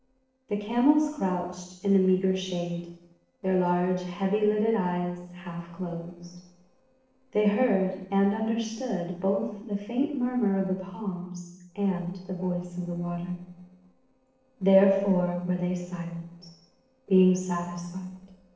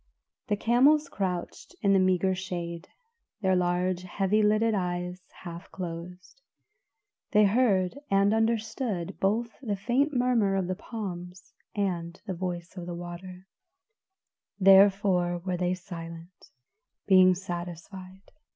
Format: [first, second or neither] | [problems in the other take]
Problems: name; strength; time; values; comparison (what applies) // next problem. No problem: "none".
second | noise reduction (neural separator model SepFormer DNS4)